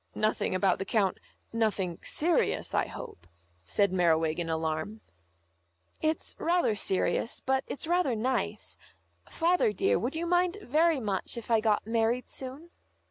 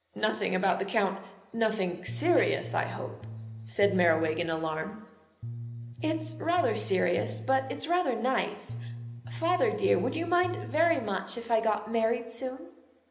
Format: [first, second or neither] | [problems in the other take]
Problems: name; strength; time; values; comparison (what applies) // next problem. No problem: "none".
first | background sound (Bass guitar); 10 dB below the speech // room echo; dies away in 0.8 s